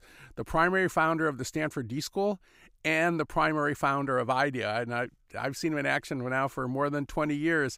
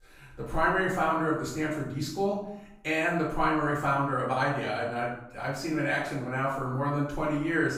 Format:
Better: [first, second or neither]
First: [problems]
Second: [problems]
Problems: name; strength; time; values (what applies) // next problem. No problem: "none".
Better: first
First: none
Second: room echo; noticeable; dies away in 0.6 s // off-mic speech; far